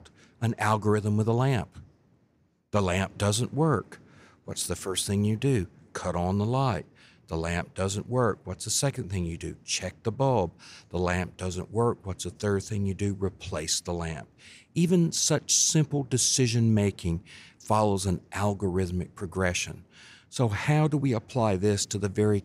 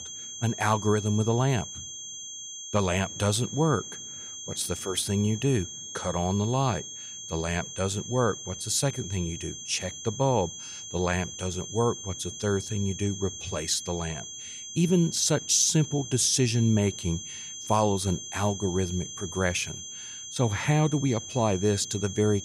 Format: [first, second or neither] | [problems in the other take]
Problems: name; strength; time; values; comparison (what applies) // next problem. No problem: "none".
first | high-pitched whine; loud; throughout; 6.5 kHz, 9 dB below the speech